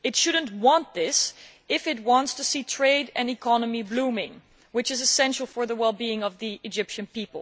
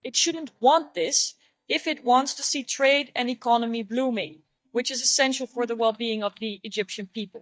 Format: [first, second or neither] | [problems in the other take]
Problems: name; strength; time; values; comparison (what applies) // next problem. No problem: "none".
first | noise reduction (neural mask model DeepFilterNet 3)